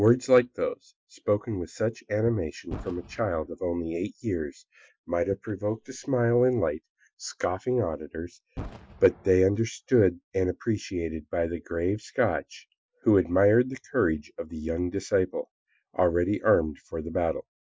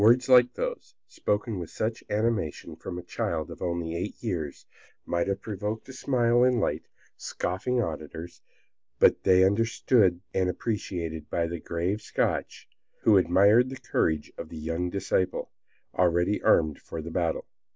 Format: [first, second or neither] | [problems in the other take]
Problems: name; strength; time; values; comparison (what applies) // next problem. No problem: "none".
second | noise reduction (classical method Wiener filter)